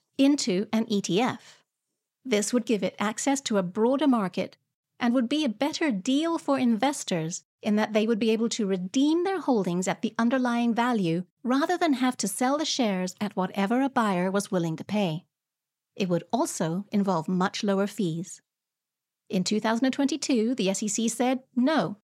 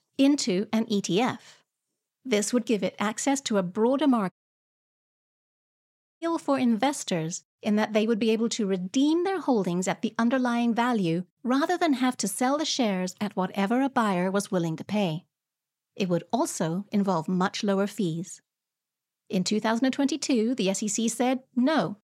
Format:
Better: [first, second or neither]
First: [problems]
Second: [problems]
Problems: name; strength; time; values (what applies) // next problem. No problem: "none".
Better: first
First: none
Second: audio cutting out; at 4.5 s for 2 s